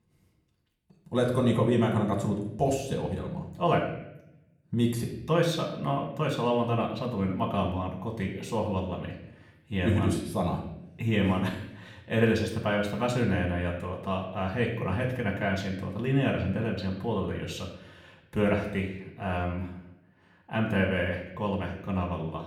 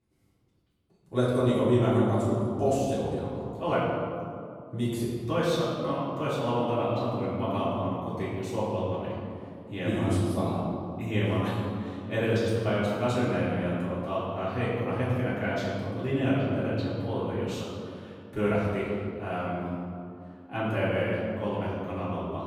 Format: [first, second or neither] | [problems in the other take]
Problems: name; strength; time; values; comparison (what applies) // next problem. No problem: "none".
first | room echo; strong; dies away in 2.2 s; slight in the first // off-mic speech; far; somewhat distant in the first